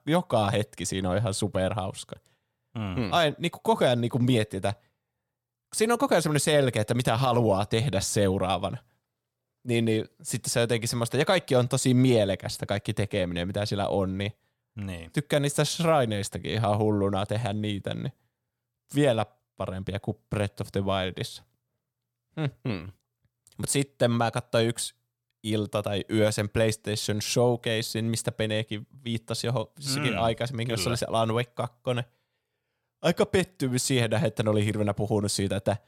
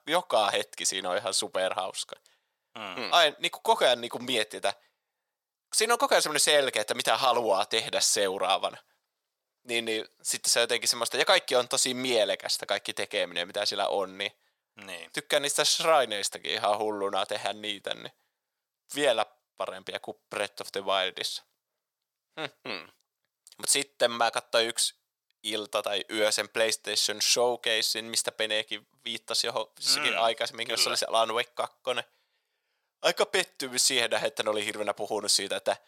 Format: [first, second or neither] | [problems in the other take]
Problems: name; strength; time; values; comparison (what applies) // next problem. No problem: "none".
first | thin; very; fading below 600 Hz